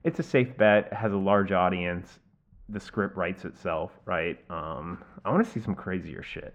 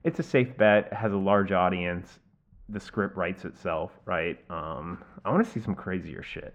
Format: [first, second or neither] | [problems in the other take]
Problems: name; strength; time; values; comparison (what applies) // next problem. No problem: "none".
neither | muffled; very; fading above 4 kHz; the same in both